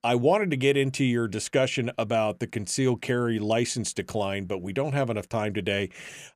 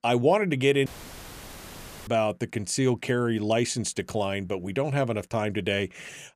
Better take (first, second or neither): first